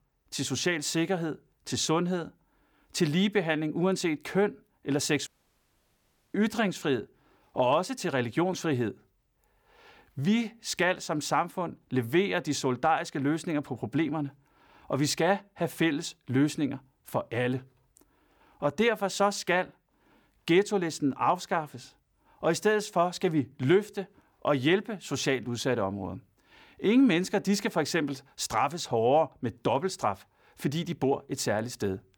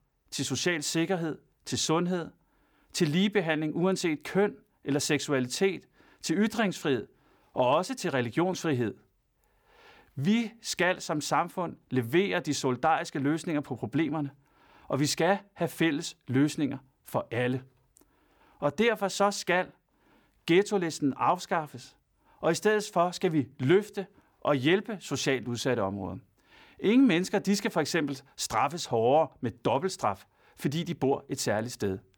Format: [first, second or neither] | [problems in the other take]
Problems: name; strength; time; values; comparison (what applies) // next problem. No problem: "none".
second | audio cutting out; at 5.5 s for 1 s